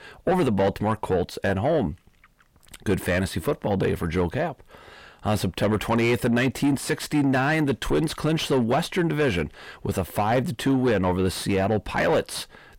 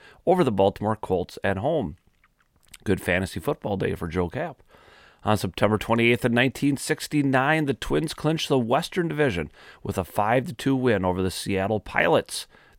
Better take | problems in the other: second | distortion; heavy; 8 dB below the speech

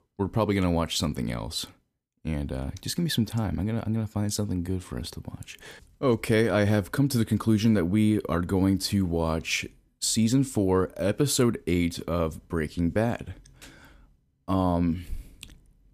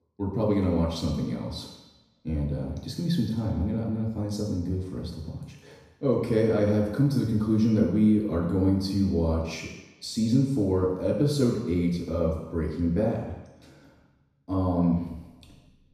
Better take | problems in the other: first | room echo; noticeable; dies away in 1 s // off-mic speech; far

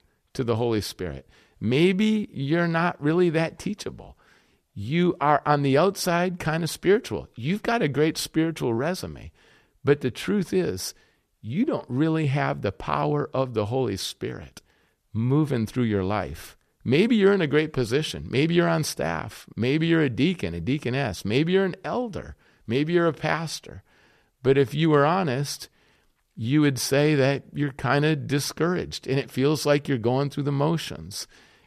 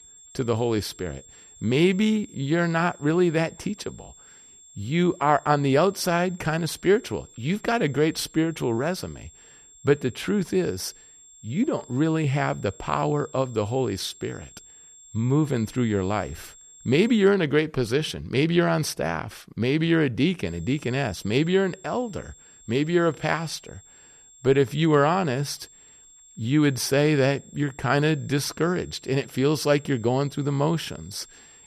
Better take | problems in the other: first | high-pitched whine; faint; until 17 s and from 20 s on; 7.5 kHz, 25 dB below the speech

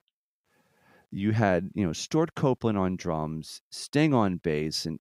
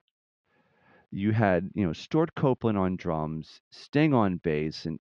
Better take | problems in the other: first | muffled; slightly; fading above 3.5 kHz

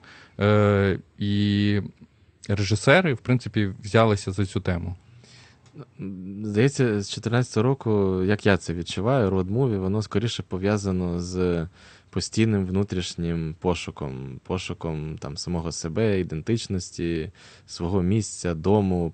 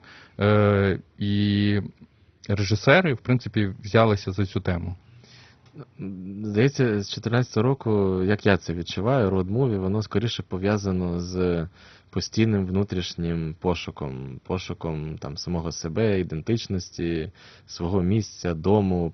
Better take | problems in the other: first | garbled, watery; badly; nothing above 6 kHz; slightly in the first

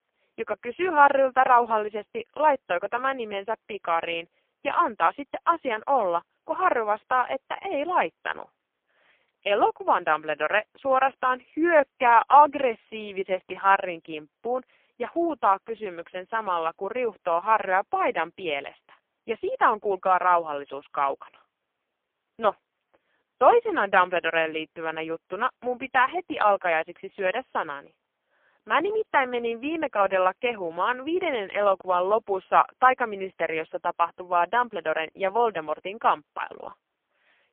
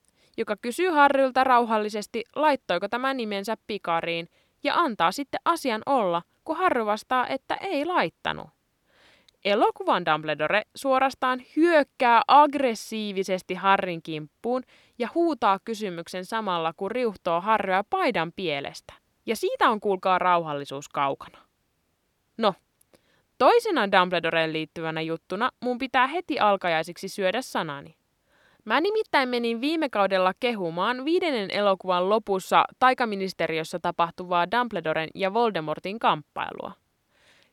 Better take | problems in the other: second | phone-call audio; poor line; nothing above 3 kHz

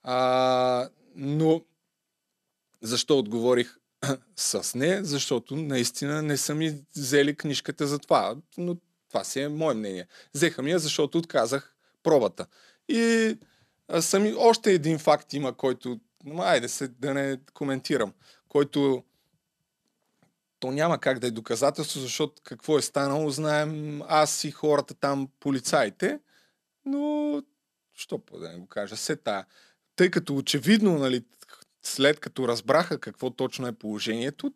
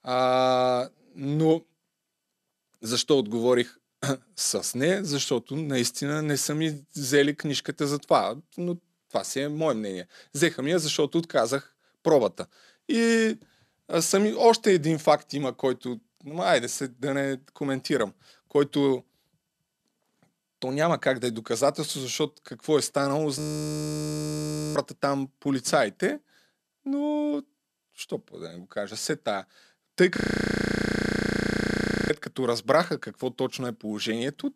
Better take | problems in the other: first | audio freezing; at 23 s for 1.5 s and at 30 s for 2 s

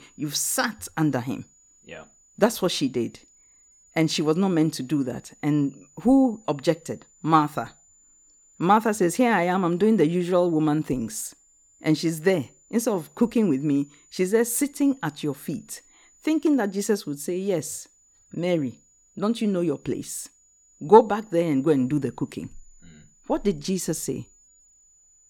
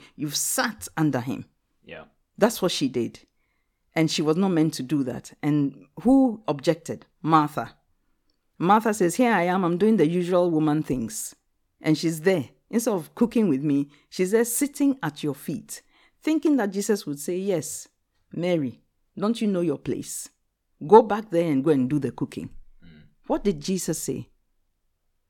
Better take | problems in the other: second | high-pitched whine; faint; throughout; 7 kHz, 30 dB below the speech

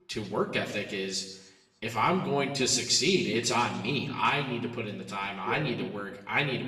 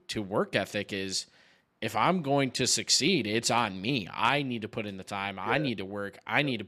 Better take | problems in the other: second | room echo; slight; dies away in 0.9 s // off-mic speech; somewhat distant

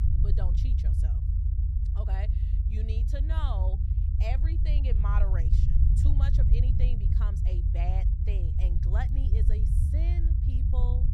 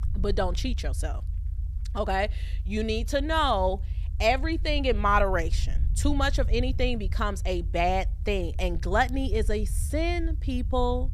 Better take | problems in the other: second | low rumble; loud; throughout; 1 dB below the speech; faint in the second

